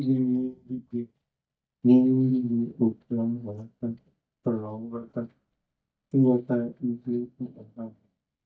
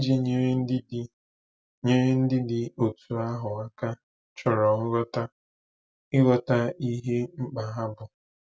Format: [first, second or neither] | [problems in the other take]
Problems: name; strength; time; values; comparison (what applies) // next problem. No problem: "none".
second | noise reduction (neural mask model DeepFilterNet 3)